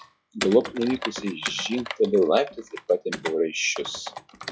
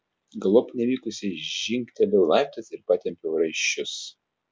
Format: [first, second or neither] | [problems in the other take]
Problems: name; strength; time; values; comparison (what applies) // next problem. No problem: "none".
second | noise reduction (classical method log-MMSE)